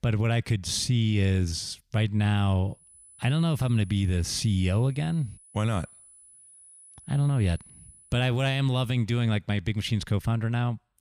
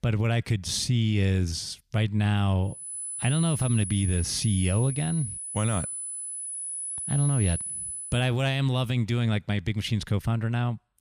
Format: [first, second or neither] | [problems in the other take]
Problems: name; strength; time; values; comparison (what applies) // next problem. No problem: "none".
first | high-pitched whine; loud; from 3 to 8 s; 10 kHz, 5 dB below the speech; faint in the first